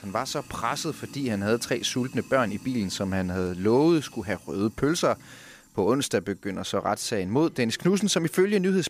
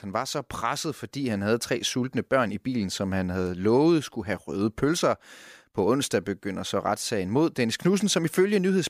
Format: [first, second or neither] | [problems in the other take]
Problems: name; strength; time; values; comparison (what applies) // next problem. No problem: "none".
second | household noises; faint; throughout; 20 dB below the speech